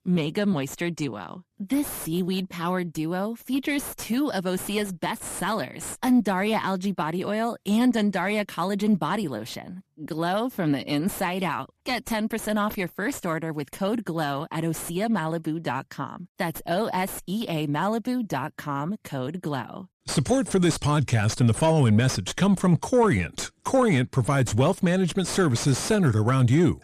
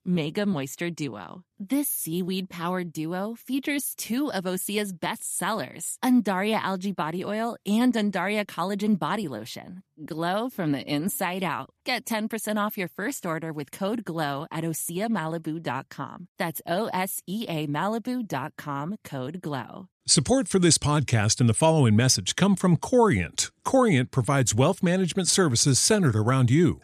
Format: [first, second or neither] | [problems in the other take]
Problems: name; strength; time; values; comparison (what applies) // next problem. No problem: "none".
second | distortion; slight; 9 dB below the speech